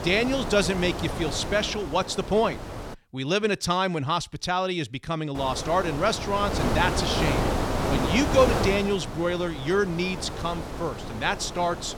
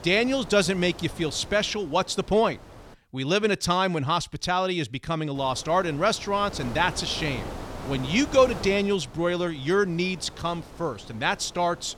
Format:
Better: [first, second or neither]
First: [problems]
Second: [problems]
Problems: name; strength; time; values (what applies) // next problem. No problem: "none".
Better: second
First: wind noise on the microphone; heavy; until 3 s and from 5.5 s on; 6 dB below the speech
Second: wind noise on the microphone; occasional gusts; until 3 s and from 5.5 s on; 15 dB below the speech